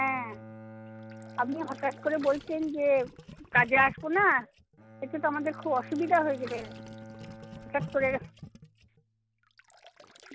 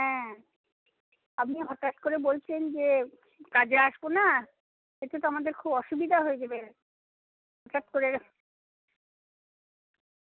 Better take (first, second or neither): second